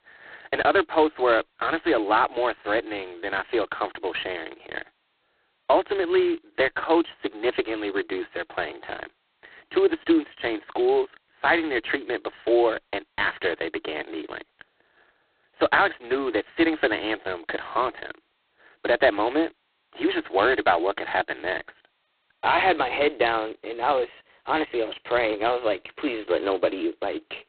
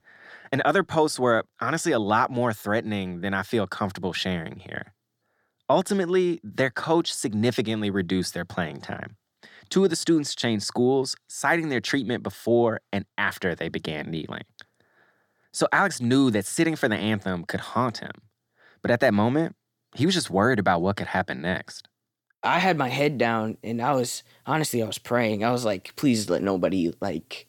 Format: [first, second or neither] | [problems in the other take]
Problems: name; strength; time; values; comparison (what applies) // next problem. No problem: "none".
second | phone-call audio; poor line; nothing above 4 kHz